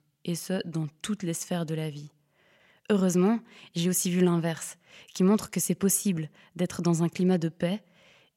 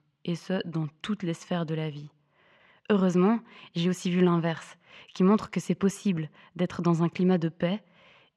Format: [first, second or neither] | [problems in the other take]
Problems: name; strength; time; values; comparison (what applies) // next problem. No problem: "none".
first | muffled; slightly; fading above 3 kHz